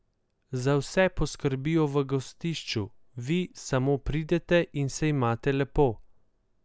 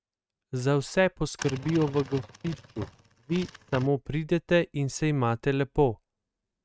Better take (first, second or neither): first